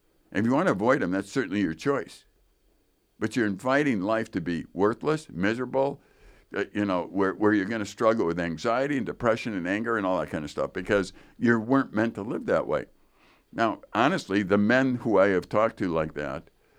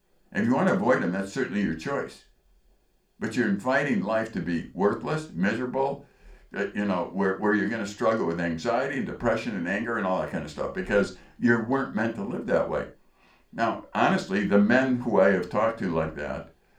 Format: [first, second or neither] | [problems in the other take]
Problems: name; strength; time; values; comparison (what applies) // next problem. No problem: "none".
first | room echo; slight; dies away in 0.3 s